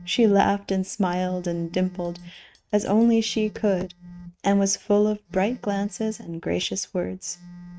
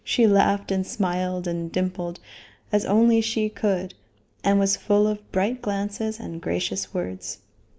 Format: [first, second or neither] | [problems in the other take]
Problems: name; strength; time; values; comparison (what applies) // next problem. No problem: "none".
second | noise reduction (neural mask model RNNoise)